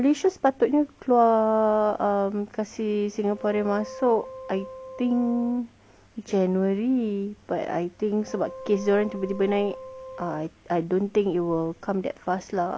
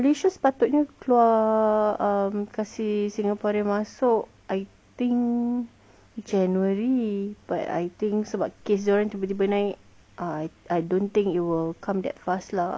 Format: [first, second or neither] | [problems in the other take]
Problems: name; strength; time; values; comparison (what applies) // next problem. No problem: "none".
second | background sound (Wind instrument, woodwind instrument); 16 dB below the speech